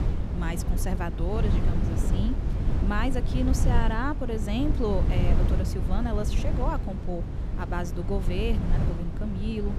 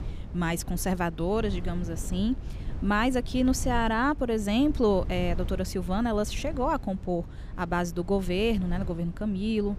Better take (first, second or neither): second